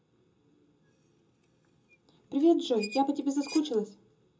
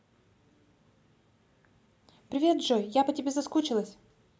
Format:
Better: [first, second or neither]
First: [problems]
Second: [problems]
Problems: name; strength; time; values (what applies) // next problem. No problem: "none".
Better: second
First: background sound (Squeak); 18 dB below the speech // room echo; dies away in 0.2 s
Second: none